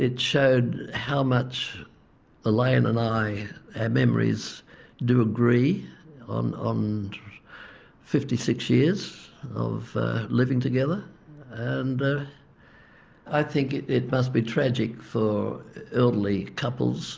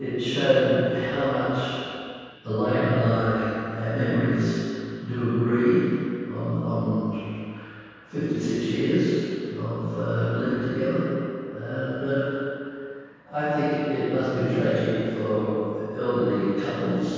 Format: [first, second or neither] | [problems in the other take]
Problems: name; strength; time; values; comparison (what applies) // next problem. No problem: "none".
first | room echo; dies away in 2.2 s